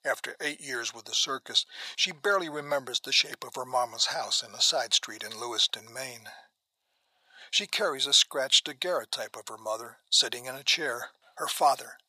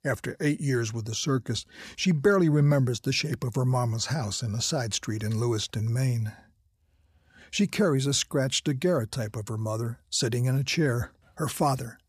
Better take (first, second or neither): second